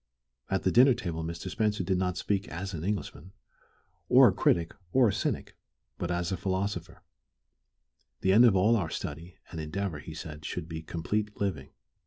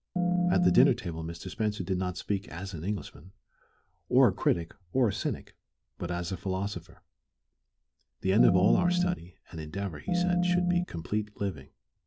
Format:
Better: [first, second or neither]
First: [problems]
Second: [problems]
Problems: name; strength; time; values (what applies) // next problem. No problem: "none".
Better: first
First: none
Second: background sound (Organ); 5 dB above the speech